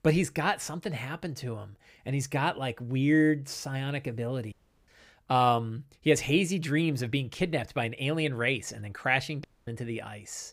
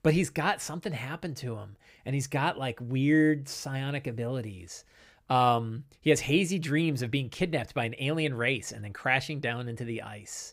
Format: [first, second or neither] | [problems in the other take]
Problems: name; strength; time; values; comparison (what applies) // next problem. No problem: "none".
second | audio cutting out; at 4.5 s and at 9.5 s